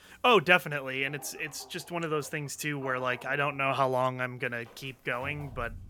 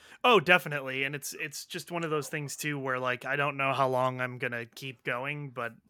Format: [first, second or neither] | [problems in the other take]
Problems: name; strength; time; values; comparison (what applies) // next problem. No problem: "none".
second | animal sounds; faint; throughout; 20 dB below the speech